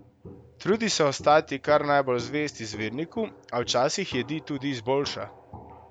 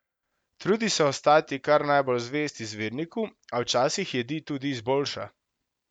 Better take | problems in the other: second | background sound (Walk, footsteps); 19 dB below the speech

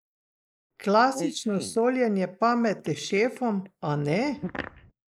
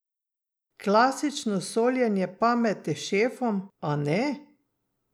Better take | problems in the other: second | noise reduction (neural mask model Resemble Enhance denoiser)

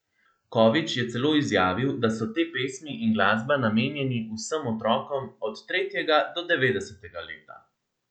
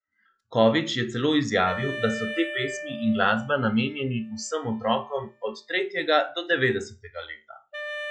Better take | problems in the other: first | noise reduction (classical method log-MMSE)

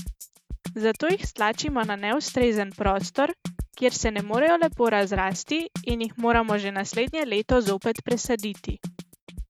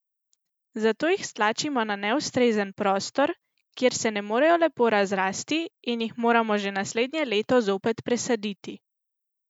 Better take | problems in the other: second | noise reduction (neural mask model RNNoise)

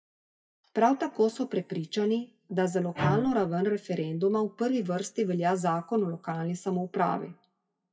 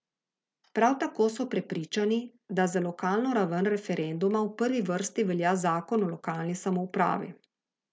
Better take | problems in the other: second | noise reduction (classical method WPE with log-MMSE)

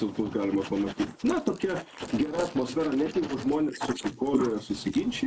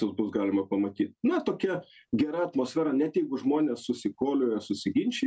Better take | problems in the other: second | noise reduction (neural mask model Resemble Enhance denoiser)

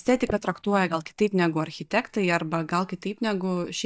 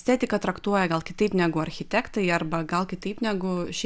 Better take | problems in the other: second | noise reduction (neural mask model DeepFilterNet 3)

